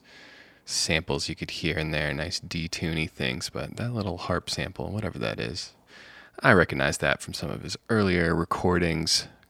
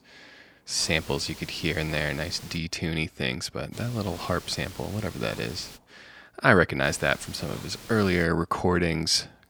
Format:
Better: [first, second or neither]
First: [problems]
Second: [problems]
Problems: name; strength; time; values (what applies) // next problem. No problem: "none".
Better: first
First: none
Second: hiss; noticeable; from 1 to 2.5 s, from 3.5 to 6 s and from 7 to 8.5 s; 15 dB below the speech